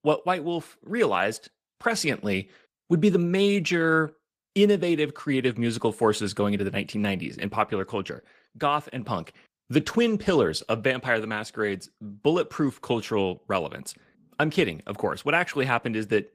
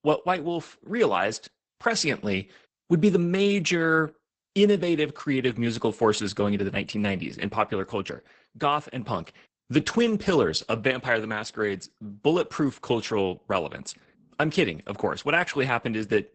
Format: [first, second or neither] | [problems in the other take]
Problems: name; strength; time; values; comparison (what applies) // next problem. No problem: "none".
first | garbled, watery; badly; nothing above 8 kHz; slightly in the first